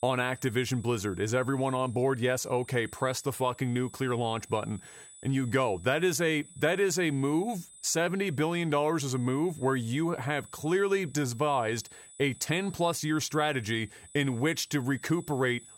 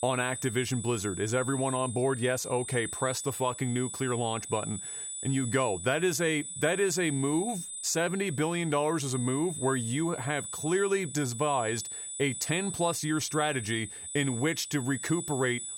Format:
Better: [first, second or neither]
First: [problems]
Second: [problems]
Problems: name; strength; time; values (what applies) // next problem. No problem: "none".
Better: first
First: high-pitched whine; faint; throughout; 8 kHz, 20 dB below the speech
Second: high-pitched whine; loud; throughout; 8 kHz, 7 dB below the speech